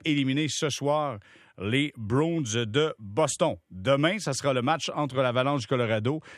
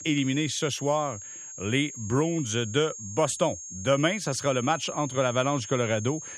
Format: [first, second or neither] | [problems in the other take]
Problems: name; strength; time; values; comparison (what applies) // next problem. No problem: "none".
first | high-pitched whine; noticeable; throughout; 6.5 kHz, 10 dB below the speech